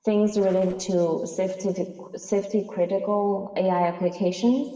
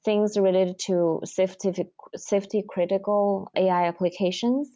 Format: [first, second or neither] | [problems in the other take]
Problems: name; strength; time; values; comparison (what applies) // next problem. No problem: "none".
second | noise reduction (neural separator model SepFormer DNS4)